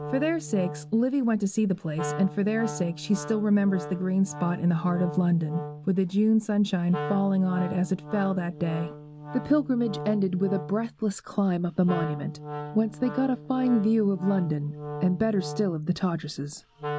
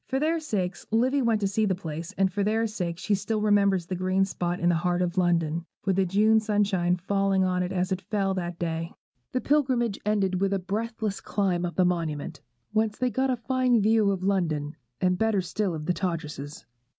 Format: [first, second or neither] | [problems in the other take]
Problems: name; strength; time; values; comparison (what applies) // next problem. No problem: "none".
second | background sound (Wind instrument, woodwind instrument); 11 dB below the speech